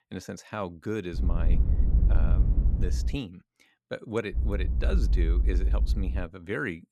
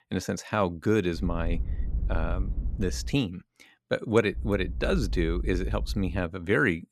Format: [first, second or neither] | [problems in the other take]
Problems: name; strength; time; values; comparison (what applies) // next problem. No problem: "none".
second | low rumble; loud; from 1 to 3 s and from 4.5 to 6 s; 8 dB below the speech; faint in the second